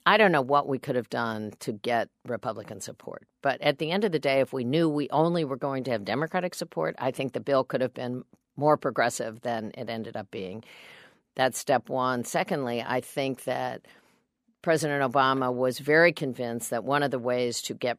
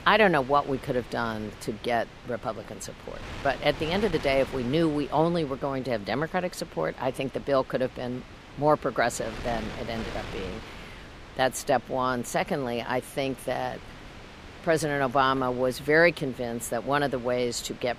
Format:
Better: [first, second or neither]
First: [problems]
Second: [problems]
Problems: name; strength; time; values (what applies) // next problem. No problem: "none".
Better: first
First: none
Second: wind noise on the microphone; occasional gusts; 15 dB below the speech